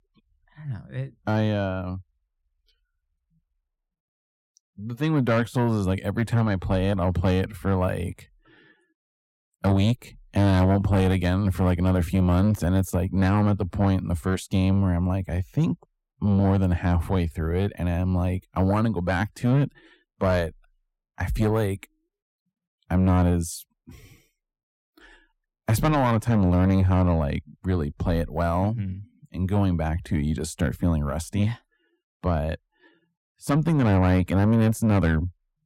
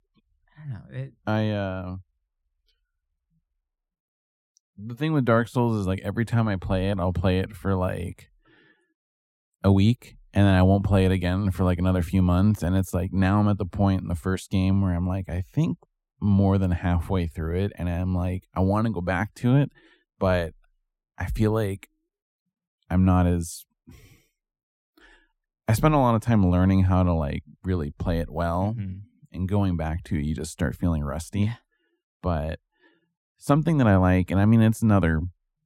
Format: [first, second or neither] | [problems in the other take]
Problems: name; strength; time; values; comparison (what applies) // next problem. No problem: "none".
second | distortion; slight; 10 dB below the speech